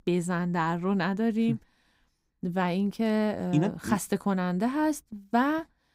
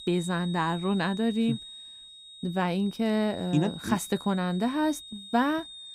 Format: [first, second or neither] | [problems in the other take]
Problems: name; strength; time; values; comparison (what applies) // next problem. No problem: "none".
first | high-pitched whine; noticeable; throughout; 3.5 kHz, 15 dB below the speech